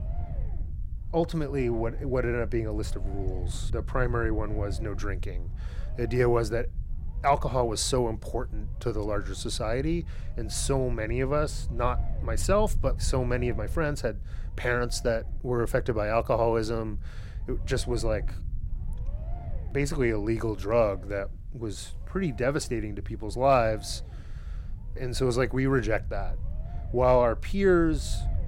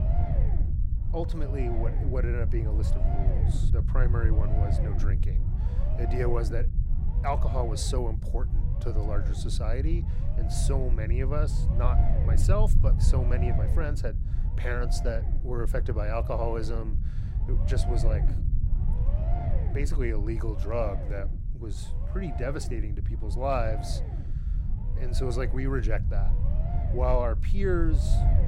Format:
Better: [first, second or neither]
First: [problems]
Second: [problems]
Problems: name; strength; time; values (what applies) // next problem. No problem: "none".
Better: first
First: low rumble; faint; throughout; 25 dB below the speech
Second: low rumble; loud; throughout; 8 dB below the speech